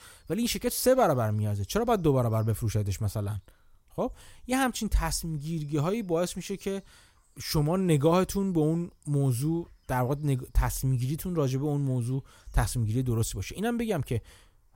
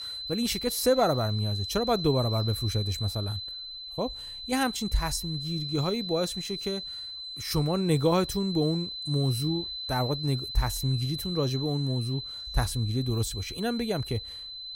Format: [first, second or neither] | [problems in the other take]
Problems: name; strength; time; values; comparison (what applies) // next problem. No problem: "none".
first | high-pitched whine; loud; throughout; 4 kHz, 6 dB below the speech